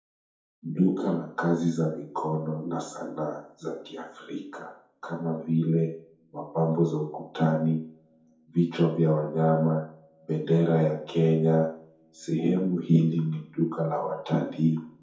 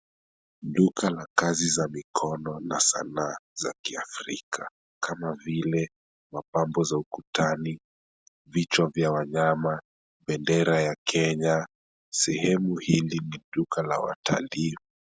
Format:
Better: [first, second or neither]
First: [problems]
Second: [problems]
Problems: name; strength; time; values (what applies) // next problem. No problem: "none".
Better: second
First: room echo; dies away in 0.6 s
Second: none